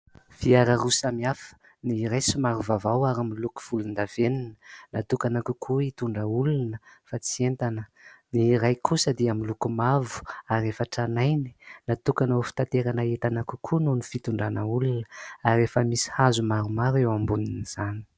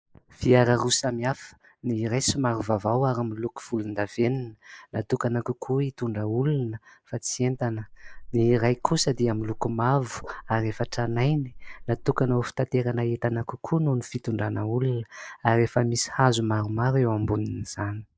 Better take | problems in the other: first | noise reduction (neural mask model Resemble Enhance denoiser)

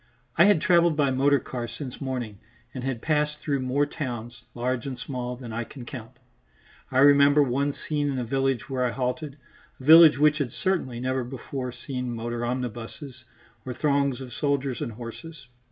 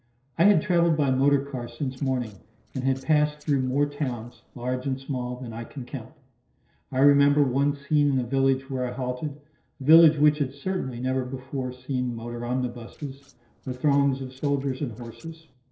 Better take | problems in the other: first | noise reduction (neural separator model SepFormer DNS4)

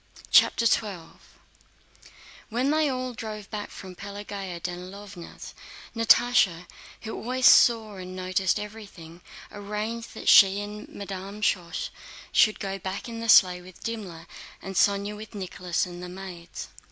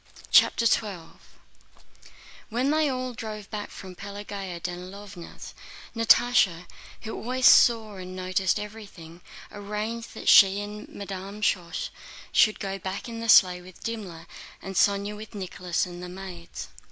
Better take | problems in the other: first | background sound (Chirp, tweet); 14 dB below the speech

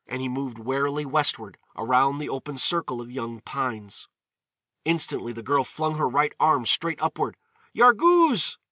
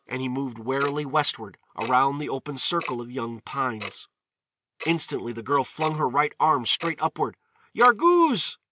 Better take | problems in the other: first | background sound (Tick-tock); 19 dB below the speech

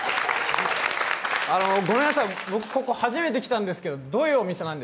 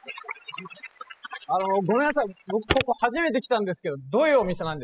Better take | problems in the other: first | noise reduction (classical method spectral subtraction)

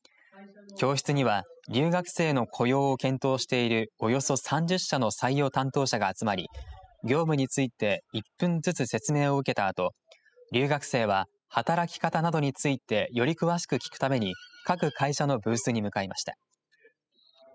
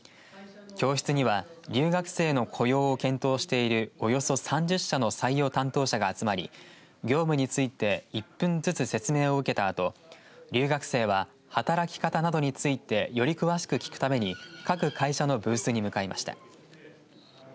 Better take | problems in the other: second | noise reduction (classical method spectral subtraction)

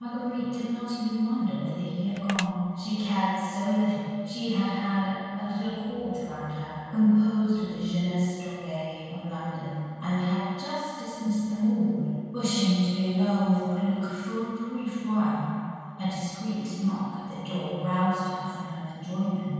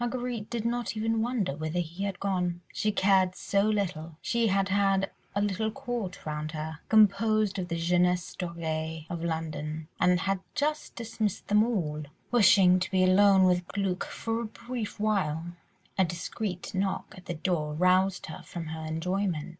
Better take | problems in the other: second | background sound (Telephone); 13 dB below the speech // room echo; dies away in 2.1 s

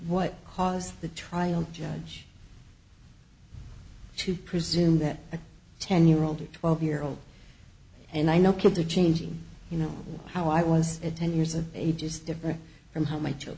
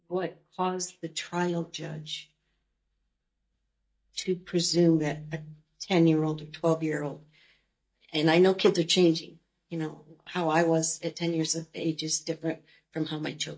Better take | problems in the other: first | noise reduction (neural mask model DeepFilterNet 3)

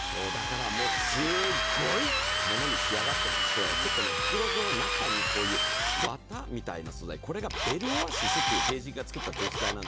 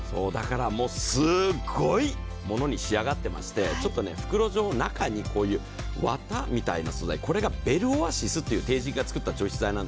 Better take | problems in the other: second | background sound (Drill); 5 dB above the speech

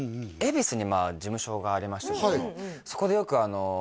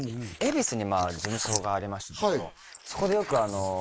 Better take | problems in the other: first | noise reduction (neural mask model Resemble Enhance denoiser)

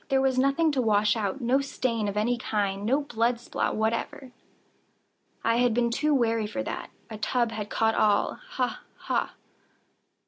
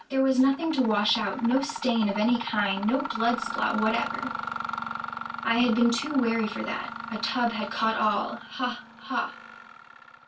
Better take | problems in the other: first | background sound (Mechanisms); 9 dB below the speech // room echo; dies away in 0.1 s

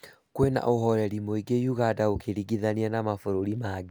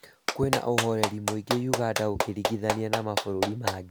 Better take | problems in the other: first | background sound (Clapping); 1 dB below the speech

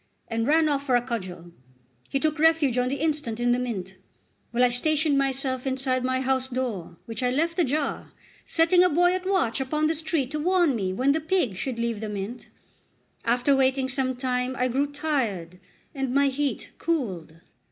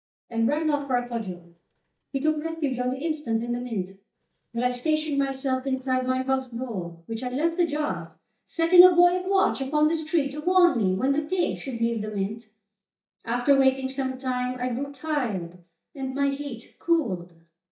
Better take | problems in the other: first | noise reduction (neural mask model DeepFilterNet 3)

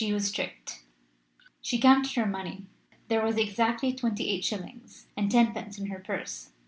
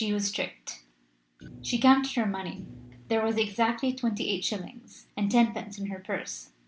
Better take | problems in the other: first | background sound (Thump, thud); 19 dB below the speech

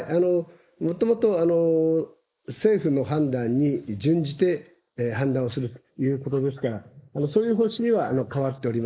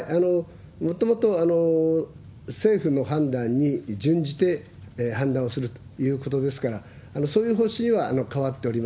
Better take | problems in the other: second | noise reduction (neural mask model Resemble Enhance denoiser)

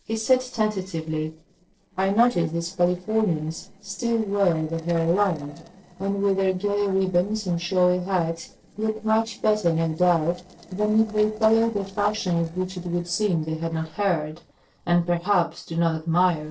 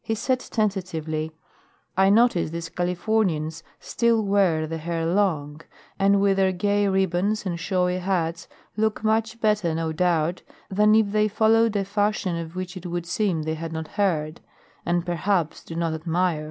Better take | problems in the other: second | noise reduction (neural separator model SepFormer DNS4)

